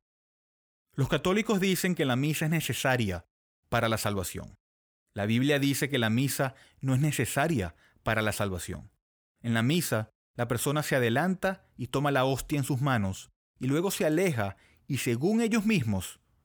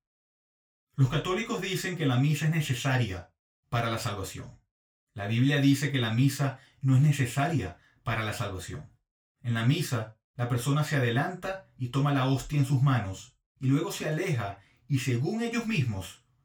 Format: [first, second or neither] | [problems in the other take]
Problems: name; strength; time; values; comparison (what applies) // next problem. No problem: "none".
first | room echo; slight; dies away in 0.2 s // off-mic speech; far